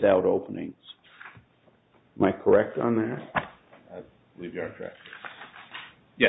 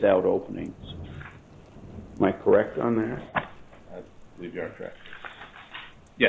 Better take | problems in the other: first | background sound (Rain + Thunder); 18 dB below the speech

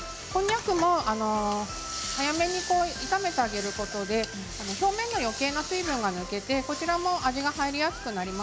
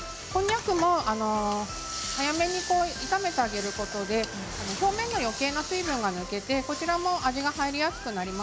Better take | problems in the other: first | background sound (Bowed string instrument + Car passing by); 19 dB below the speech

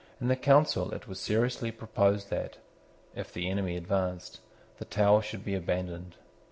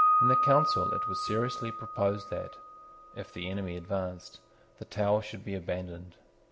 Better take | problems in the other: first | background sound (Piano); 1 dB above the speech

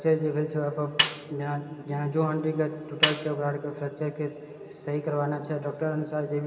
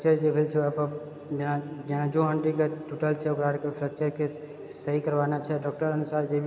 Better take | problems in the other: second | background sound (Snare drum); 2 dB below the speech // room echo; dies away in 0.9 s

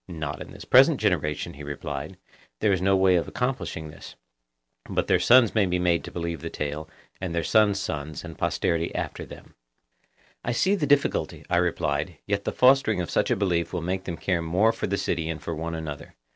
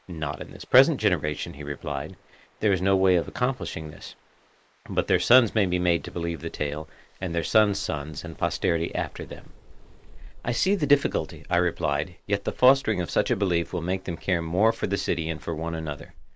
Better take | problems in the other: first | noise reduction (neural mask model Resemble Enhance denoiser)

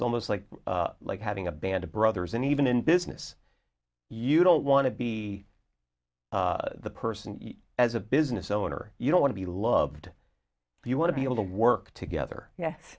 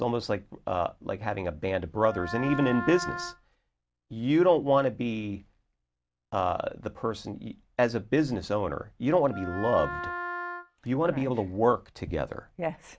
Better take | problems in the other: first | background sound (Wind instrument, woodwind instrument); 8 dB below the speech

